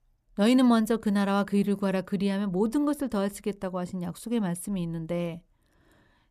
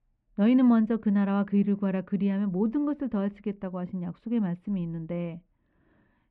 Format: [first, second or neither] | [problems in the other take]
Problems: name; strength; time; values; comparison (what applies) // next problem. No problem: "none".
first | muffled; very; fading above 2.5 kHz